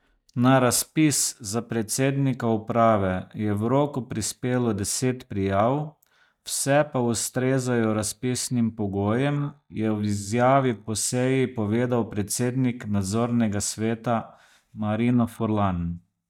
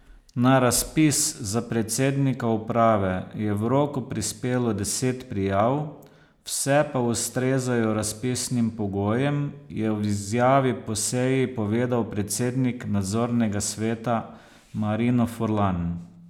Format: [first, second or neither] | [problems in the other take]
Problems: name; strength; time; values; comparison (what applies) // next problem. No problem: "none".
second | noise reduction (neural mask model DeepFilterNet 3)